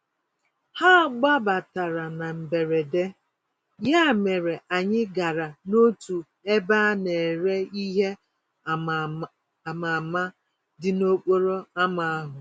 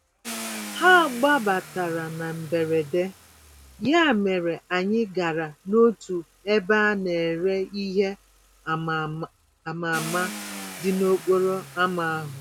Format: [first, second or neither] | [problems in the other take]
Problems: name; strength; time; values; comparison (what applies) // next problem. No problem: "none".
first | background sound (Car); 16 dB below the speech